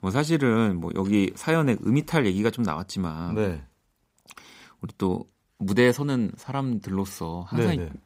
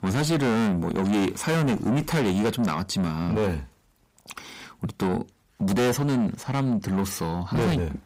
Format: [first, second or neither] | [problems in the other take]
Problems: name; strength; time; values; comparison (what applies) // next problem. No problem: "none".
first | distortion; heavy; 6 dB below the speech